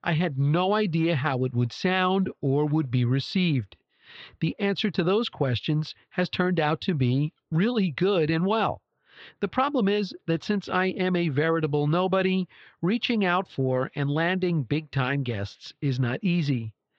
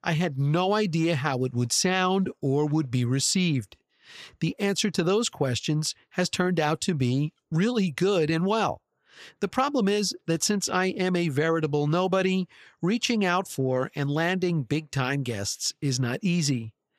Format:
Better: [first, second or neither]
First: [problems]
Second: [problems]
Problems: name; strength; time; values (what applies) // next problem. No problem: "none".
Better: second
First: muffled; slightly; fading above 4 kHz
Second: none